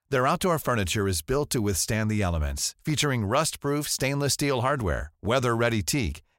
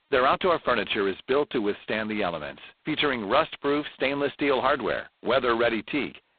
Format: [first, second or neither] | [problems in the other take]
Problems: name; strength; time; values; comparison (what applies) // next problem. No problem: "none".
first | phone-call audio; poor line; nothing above 4 kHz